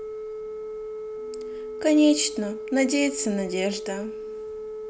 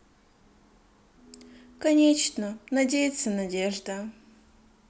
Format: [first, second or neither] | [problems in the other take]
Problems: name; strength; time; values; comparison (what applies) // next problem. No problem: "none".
second | background sound (Telephone); 8 dB below the speech